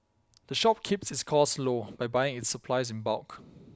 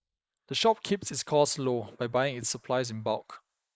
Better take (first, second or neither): first